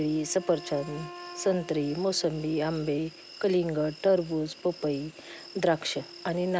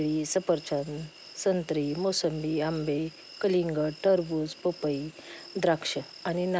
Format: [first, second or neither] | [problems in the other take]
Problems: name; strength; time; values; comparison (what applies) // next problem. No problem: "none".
second | background sound (Wind instrument, woodwind instrument); 20 dB below the speech